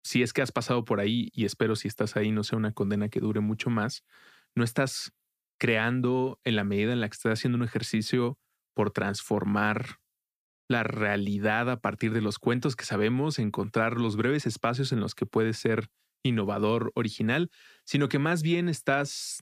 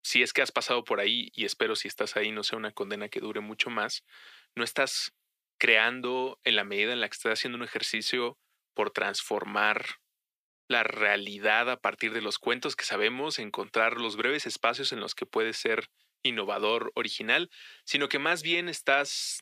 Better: first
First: none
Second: thin; very; fading below 500 Hz

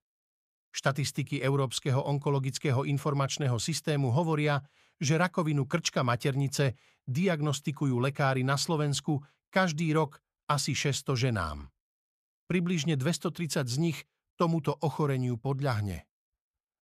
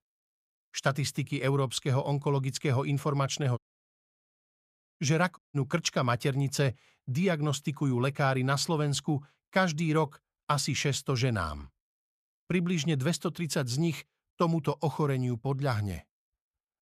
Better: first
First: none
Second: audio cutting out; at 3.5 s for 1.5 s and at 5.5 s

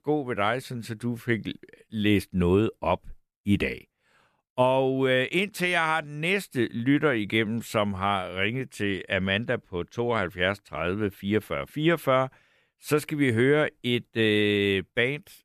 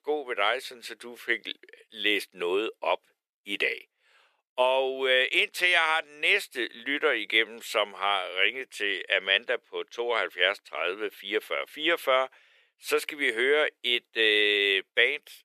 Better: first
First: none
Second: thin; very; fading below 450 Hz

